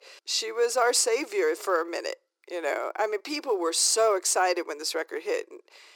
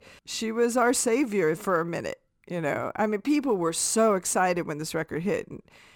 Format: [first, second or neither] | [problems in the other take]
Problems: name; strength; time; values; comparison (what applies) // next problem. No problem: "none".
second | thin; very; fading below 350 Hz